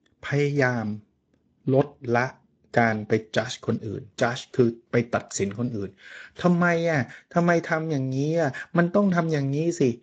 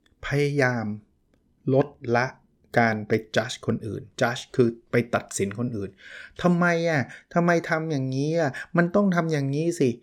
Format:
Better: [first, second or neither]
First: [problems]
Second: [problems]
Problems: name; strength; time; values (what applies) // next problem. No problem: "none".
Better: second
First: garbled, watery; slightly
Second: none